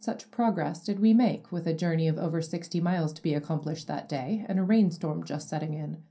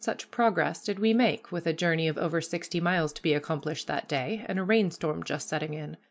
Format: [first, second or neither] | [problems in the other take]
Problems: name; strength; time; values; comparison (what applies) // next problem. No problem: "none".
second | room echo; dies away in 0.3 s